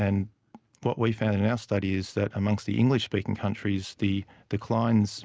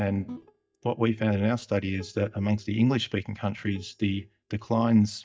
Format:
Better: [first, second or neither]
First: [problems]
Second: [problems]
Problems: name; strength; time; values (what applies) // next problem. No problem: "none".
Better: first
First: none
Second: noise reduction (neural mask model DeepFilterNet 3)